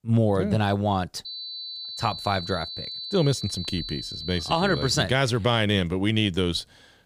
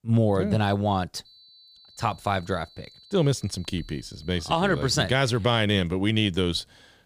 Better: second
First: high-pitched whine; loud; from 1.5 to 5 s; 4 kHz, 8 dB below the speech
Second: high-pitched whine; faint; from 1.5 to 5 s; 4 kHz, 25 dB below the speech

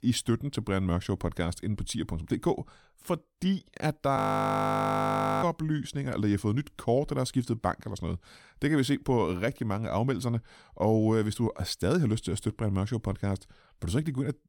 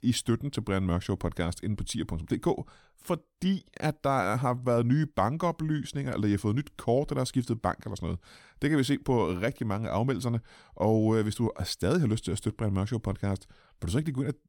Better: second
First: audio freezing; at 4 s for 1.5 s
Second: none

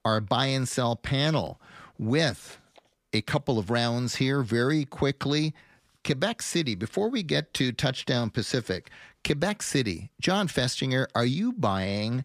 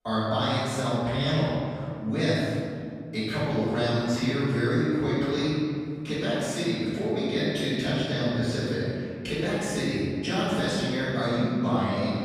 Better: first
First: none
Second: off-mic speech; far // room echo; strong; dies away in 2.3 s

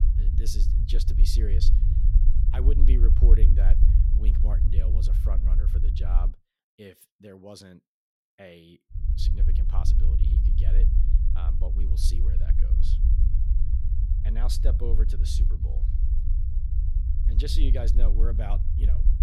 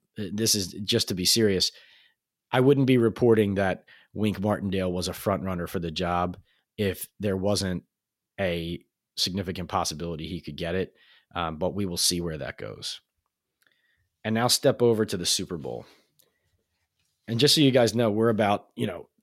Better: second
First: low rumble; loud; until 6.5 s and from 9 s on; 3 dB below the speech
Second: none

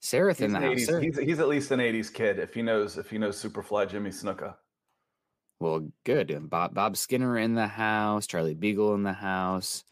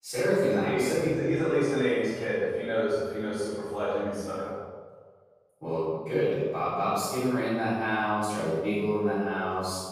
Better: first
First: none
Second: off-mic speech; far // room echo; strong; dies away in 1.2 s

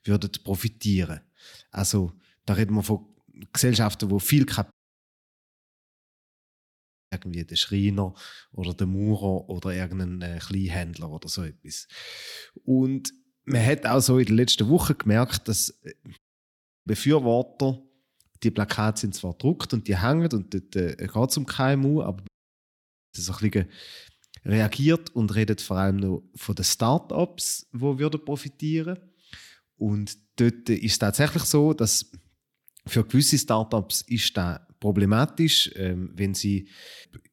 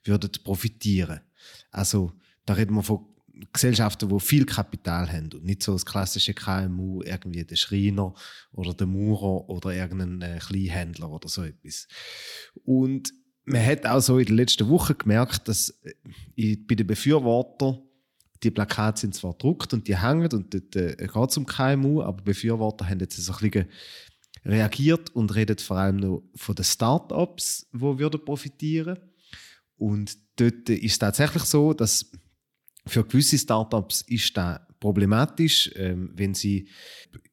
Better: second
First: audio cutting out; at 4.5 s for 2.5 s, at 16 s for 0.5 s and at 22 s for 1 s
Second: none

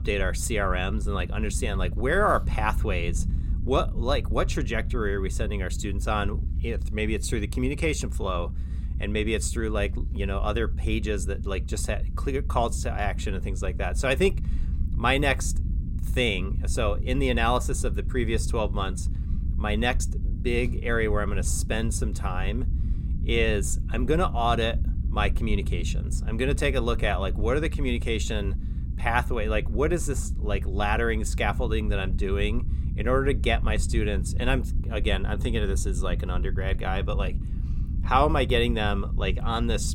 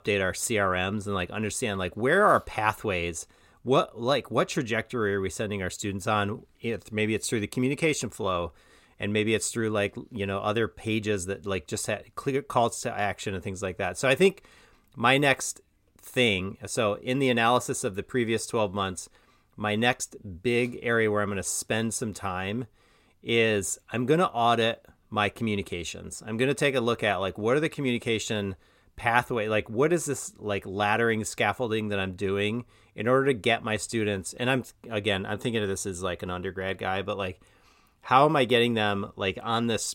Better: second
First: low rumble; noticeable; throughout; 20 dB below the speech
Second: none

